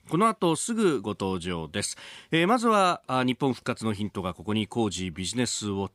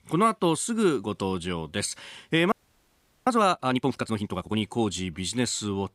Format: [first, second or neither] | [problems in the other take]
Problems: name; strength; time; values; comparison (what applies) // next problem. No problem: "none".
first | audio freezing; at 2.5 s for 0.5 s